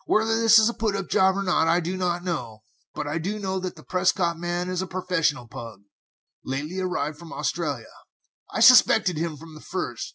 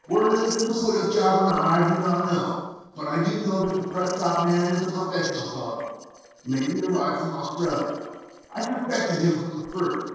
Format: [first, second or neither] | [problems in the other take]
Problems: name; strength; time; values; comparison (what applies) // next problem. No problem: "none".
first | noise reduction (neural separator model SepFormer DNS4)